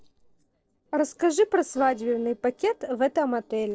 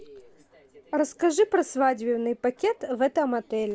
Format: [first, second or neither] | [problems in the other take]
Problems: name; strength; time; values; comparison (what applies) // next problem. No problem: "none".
second | noise reduction (neural separator model SepFormer DNS4)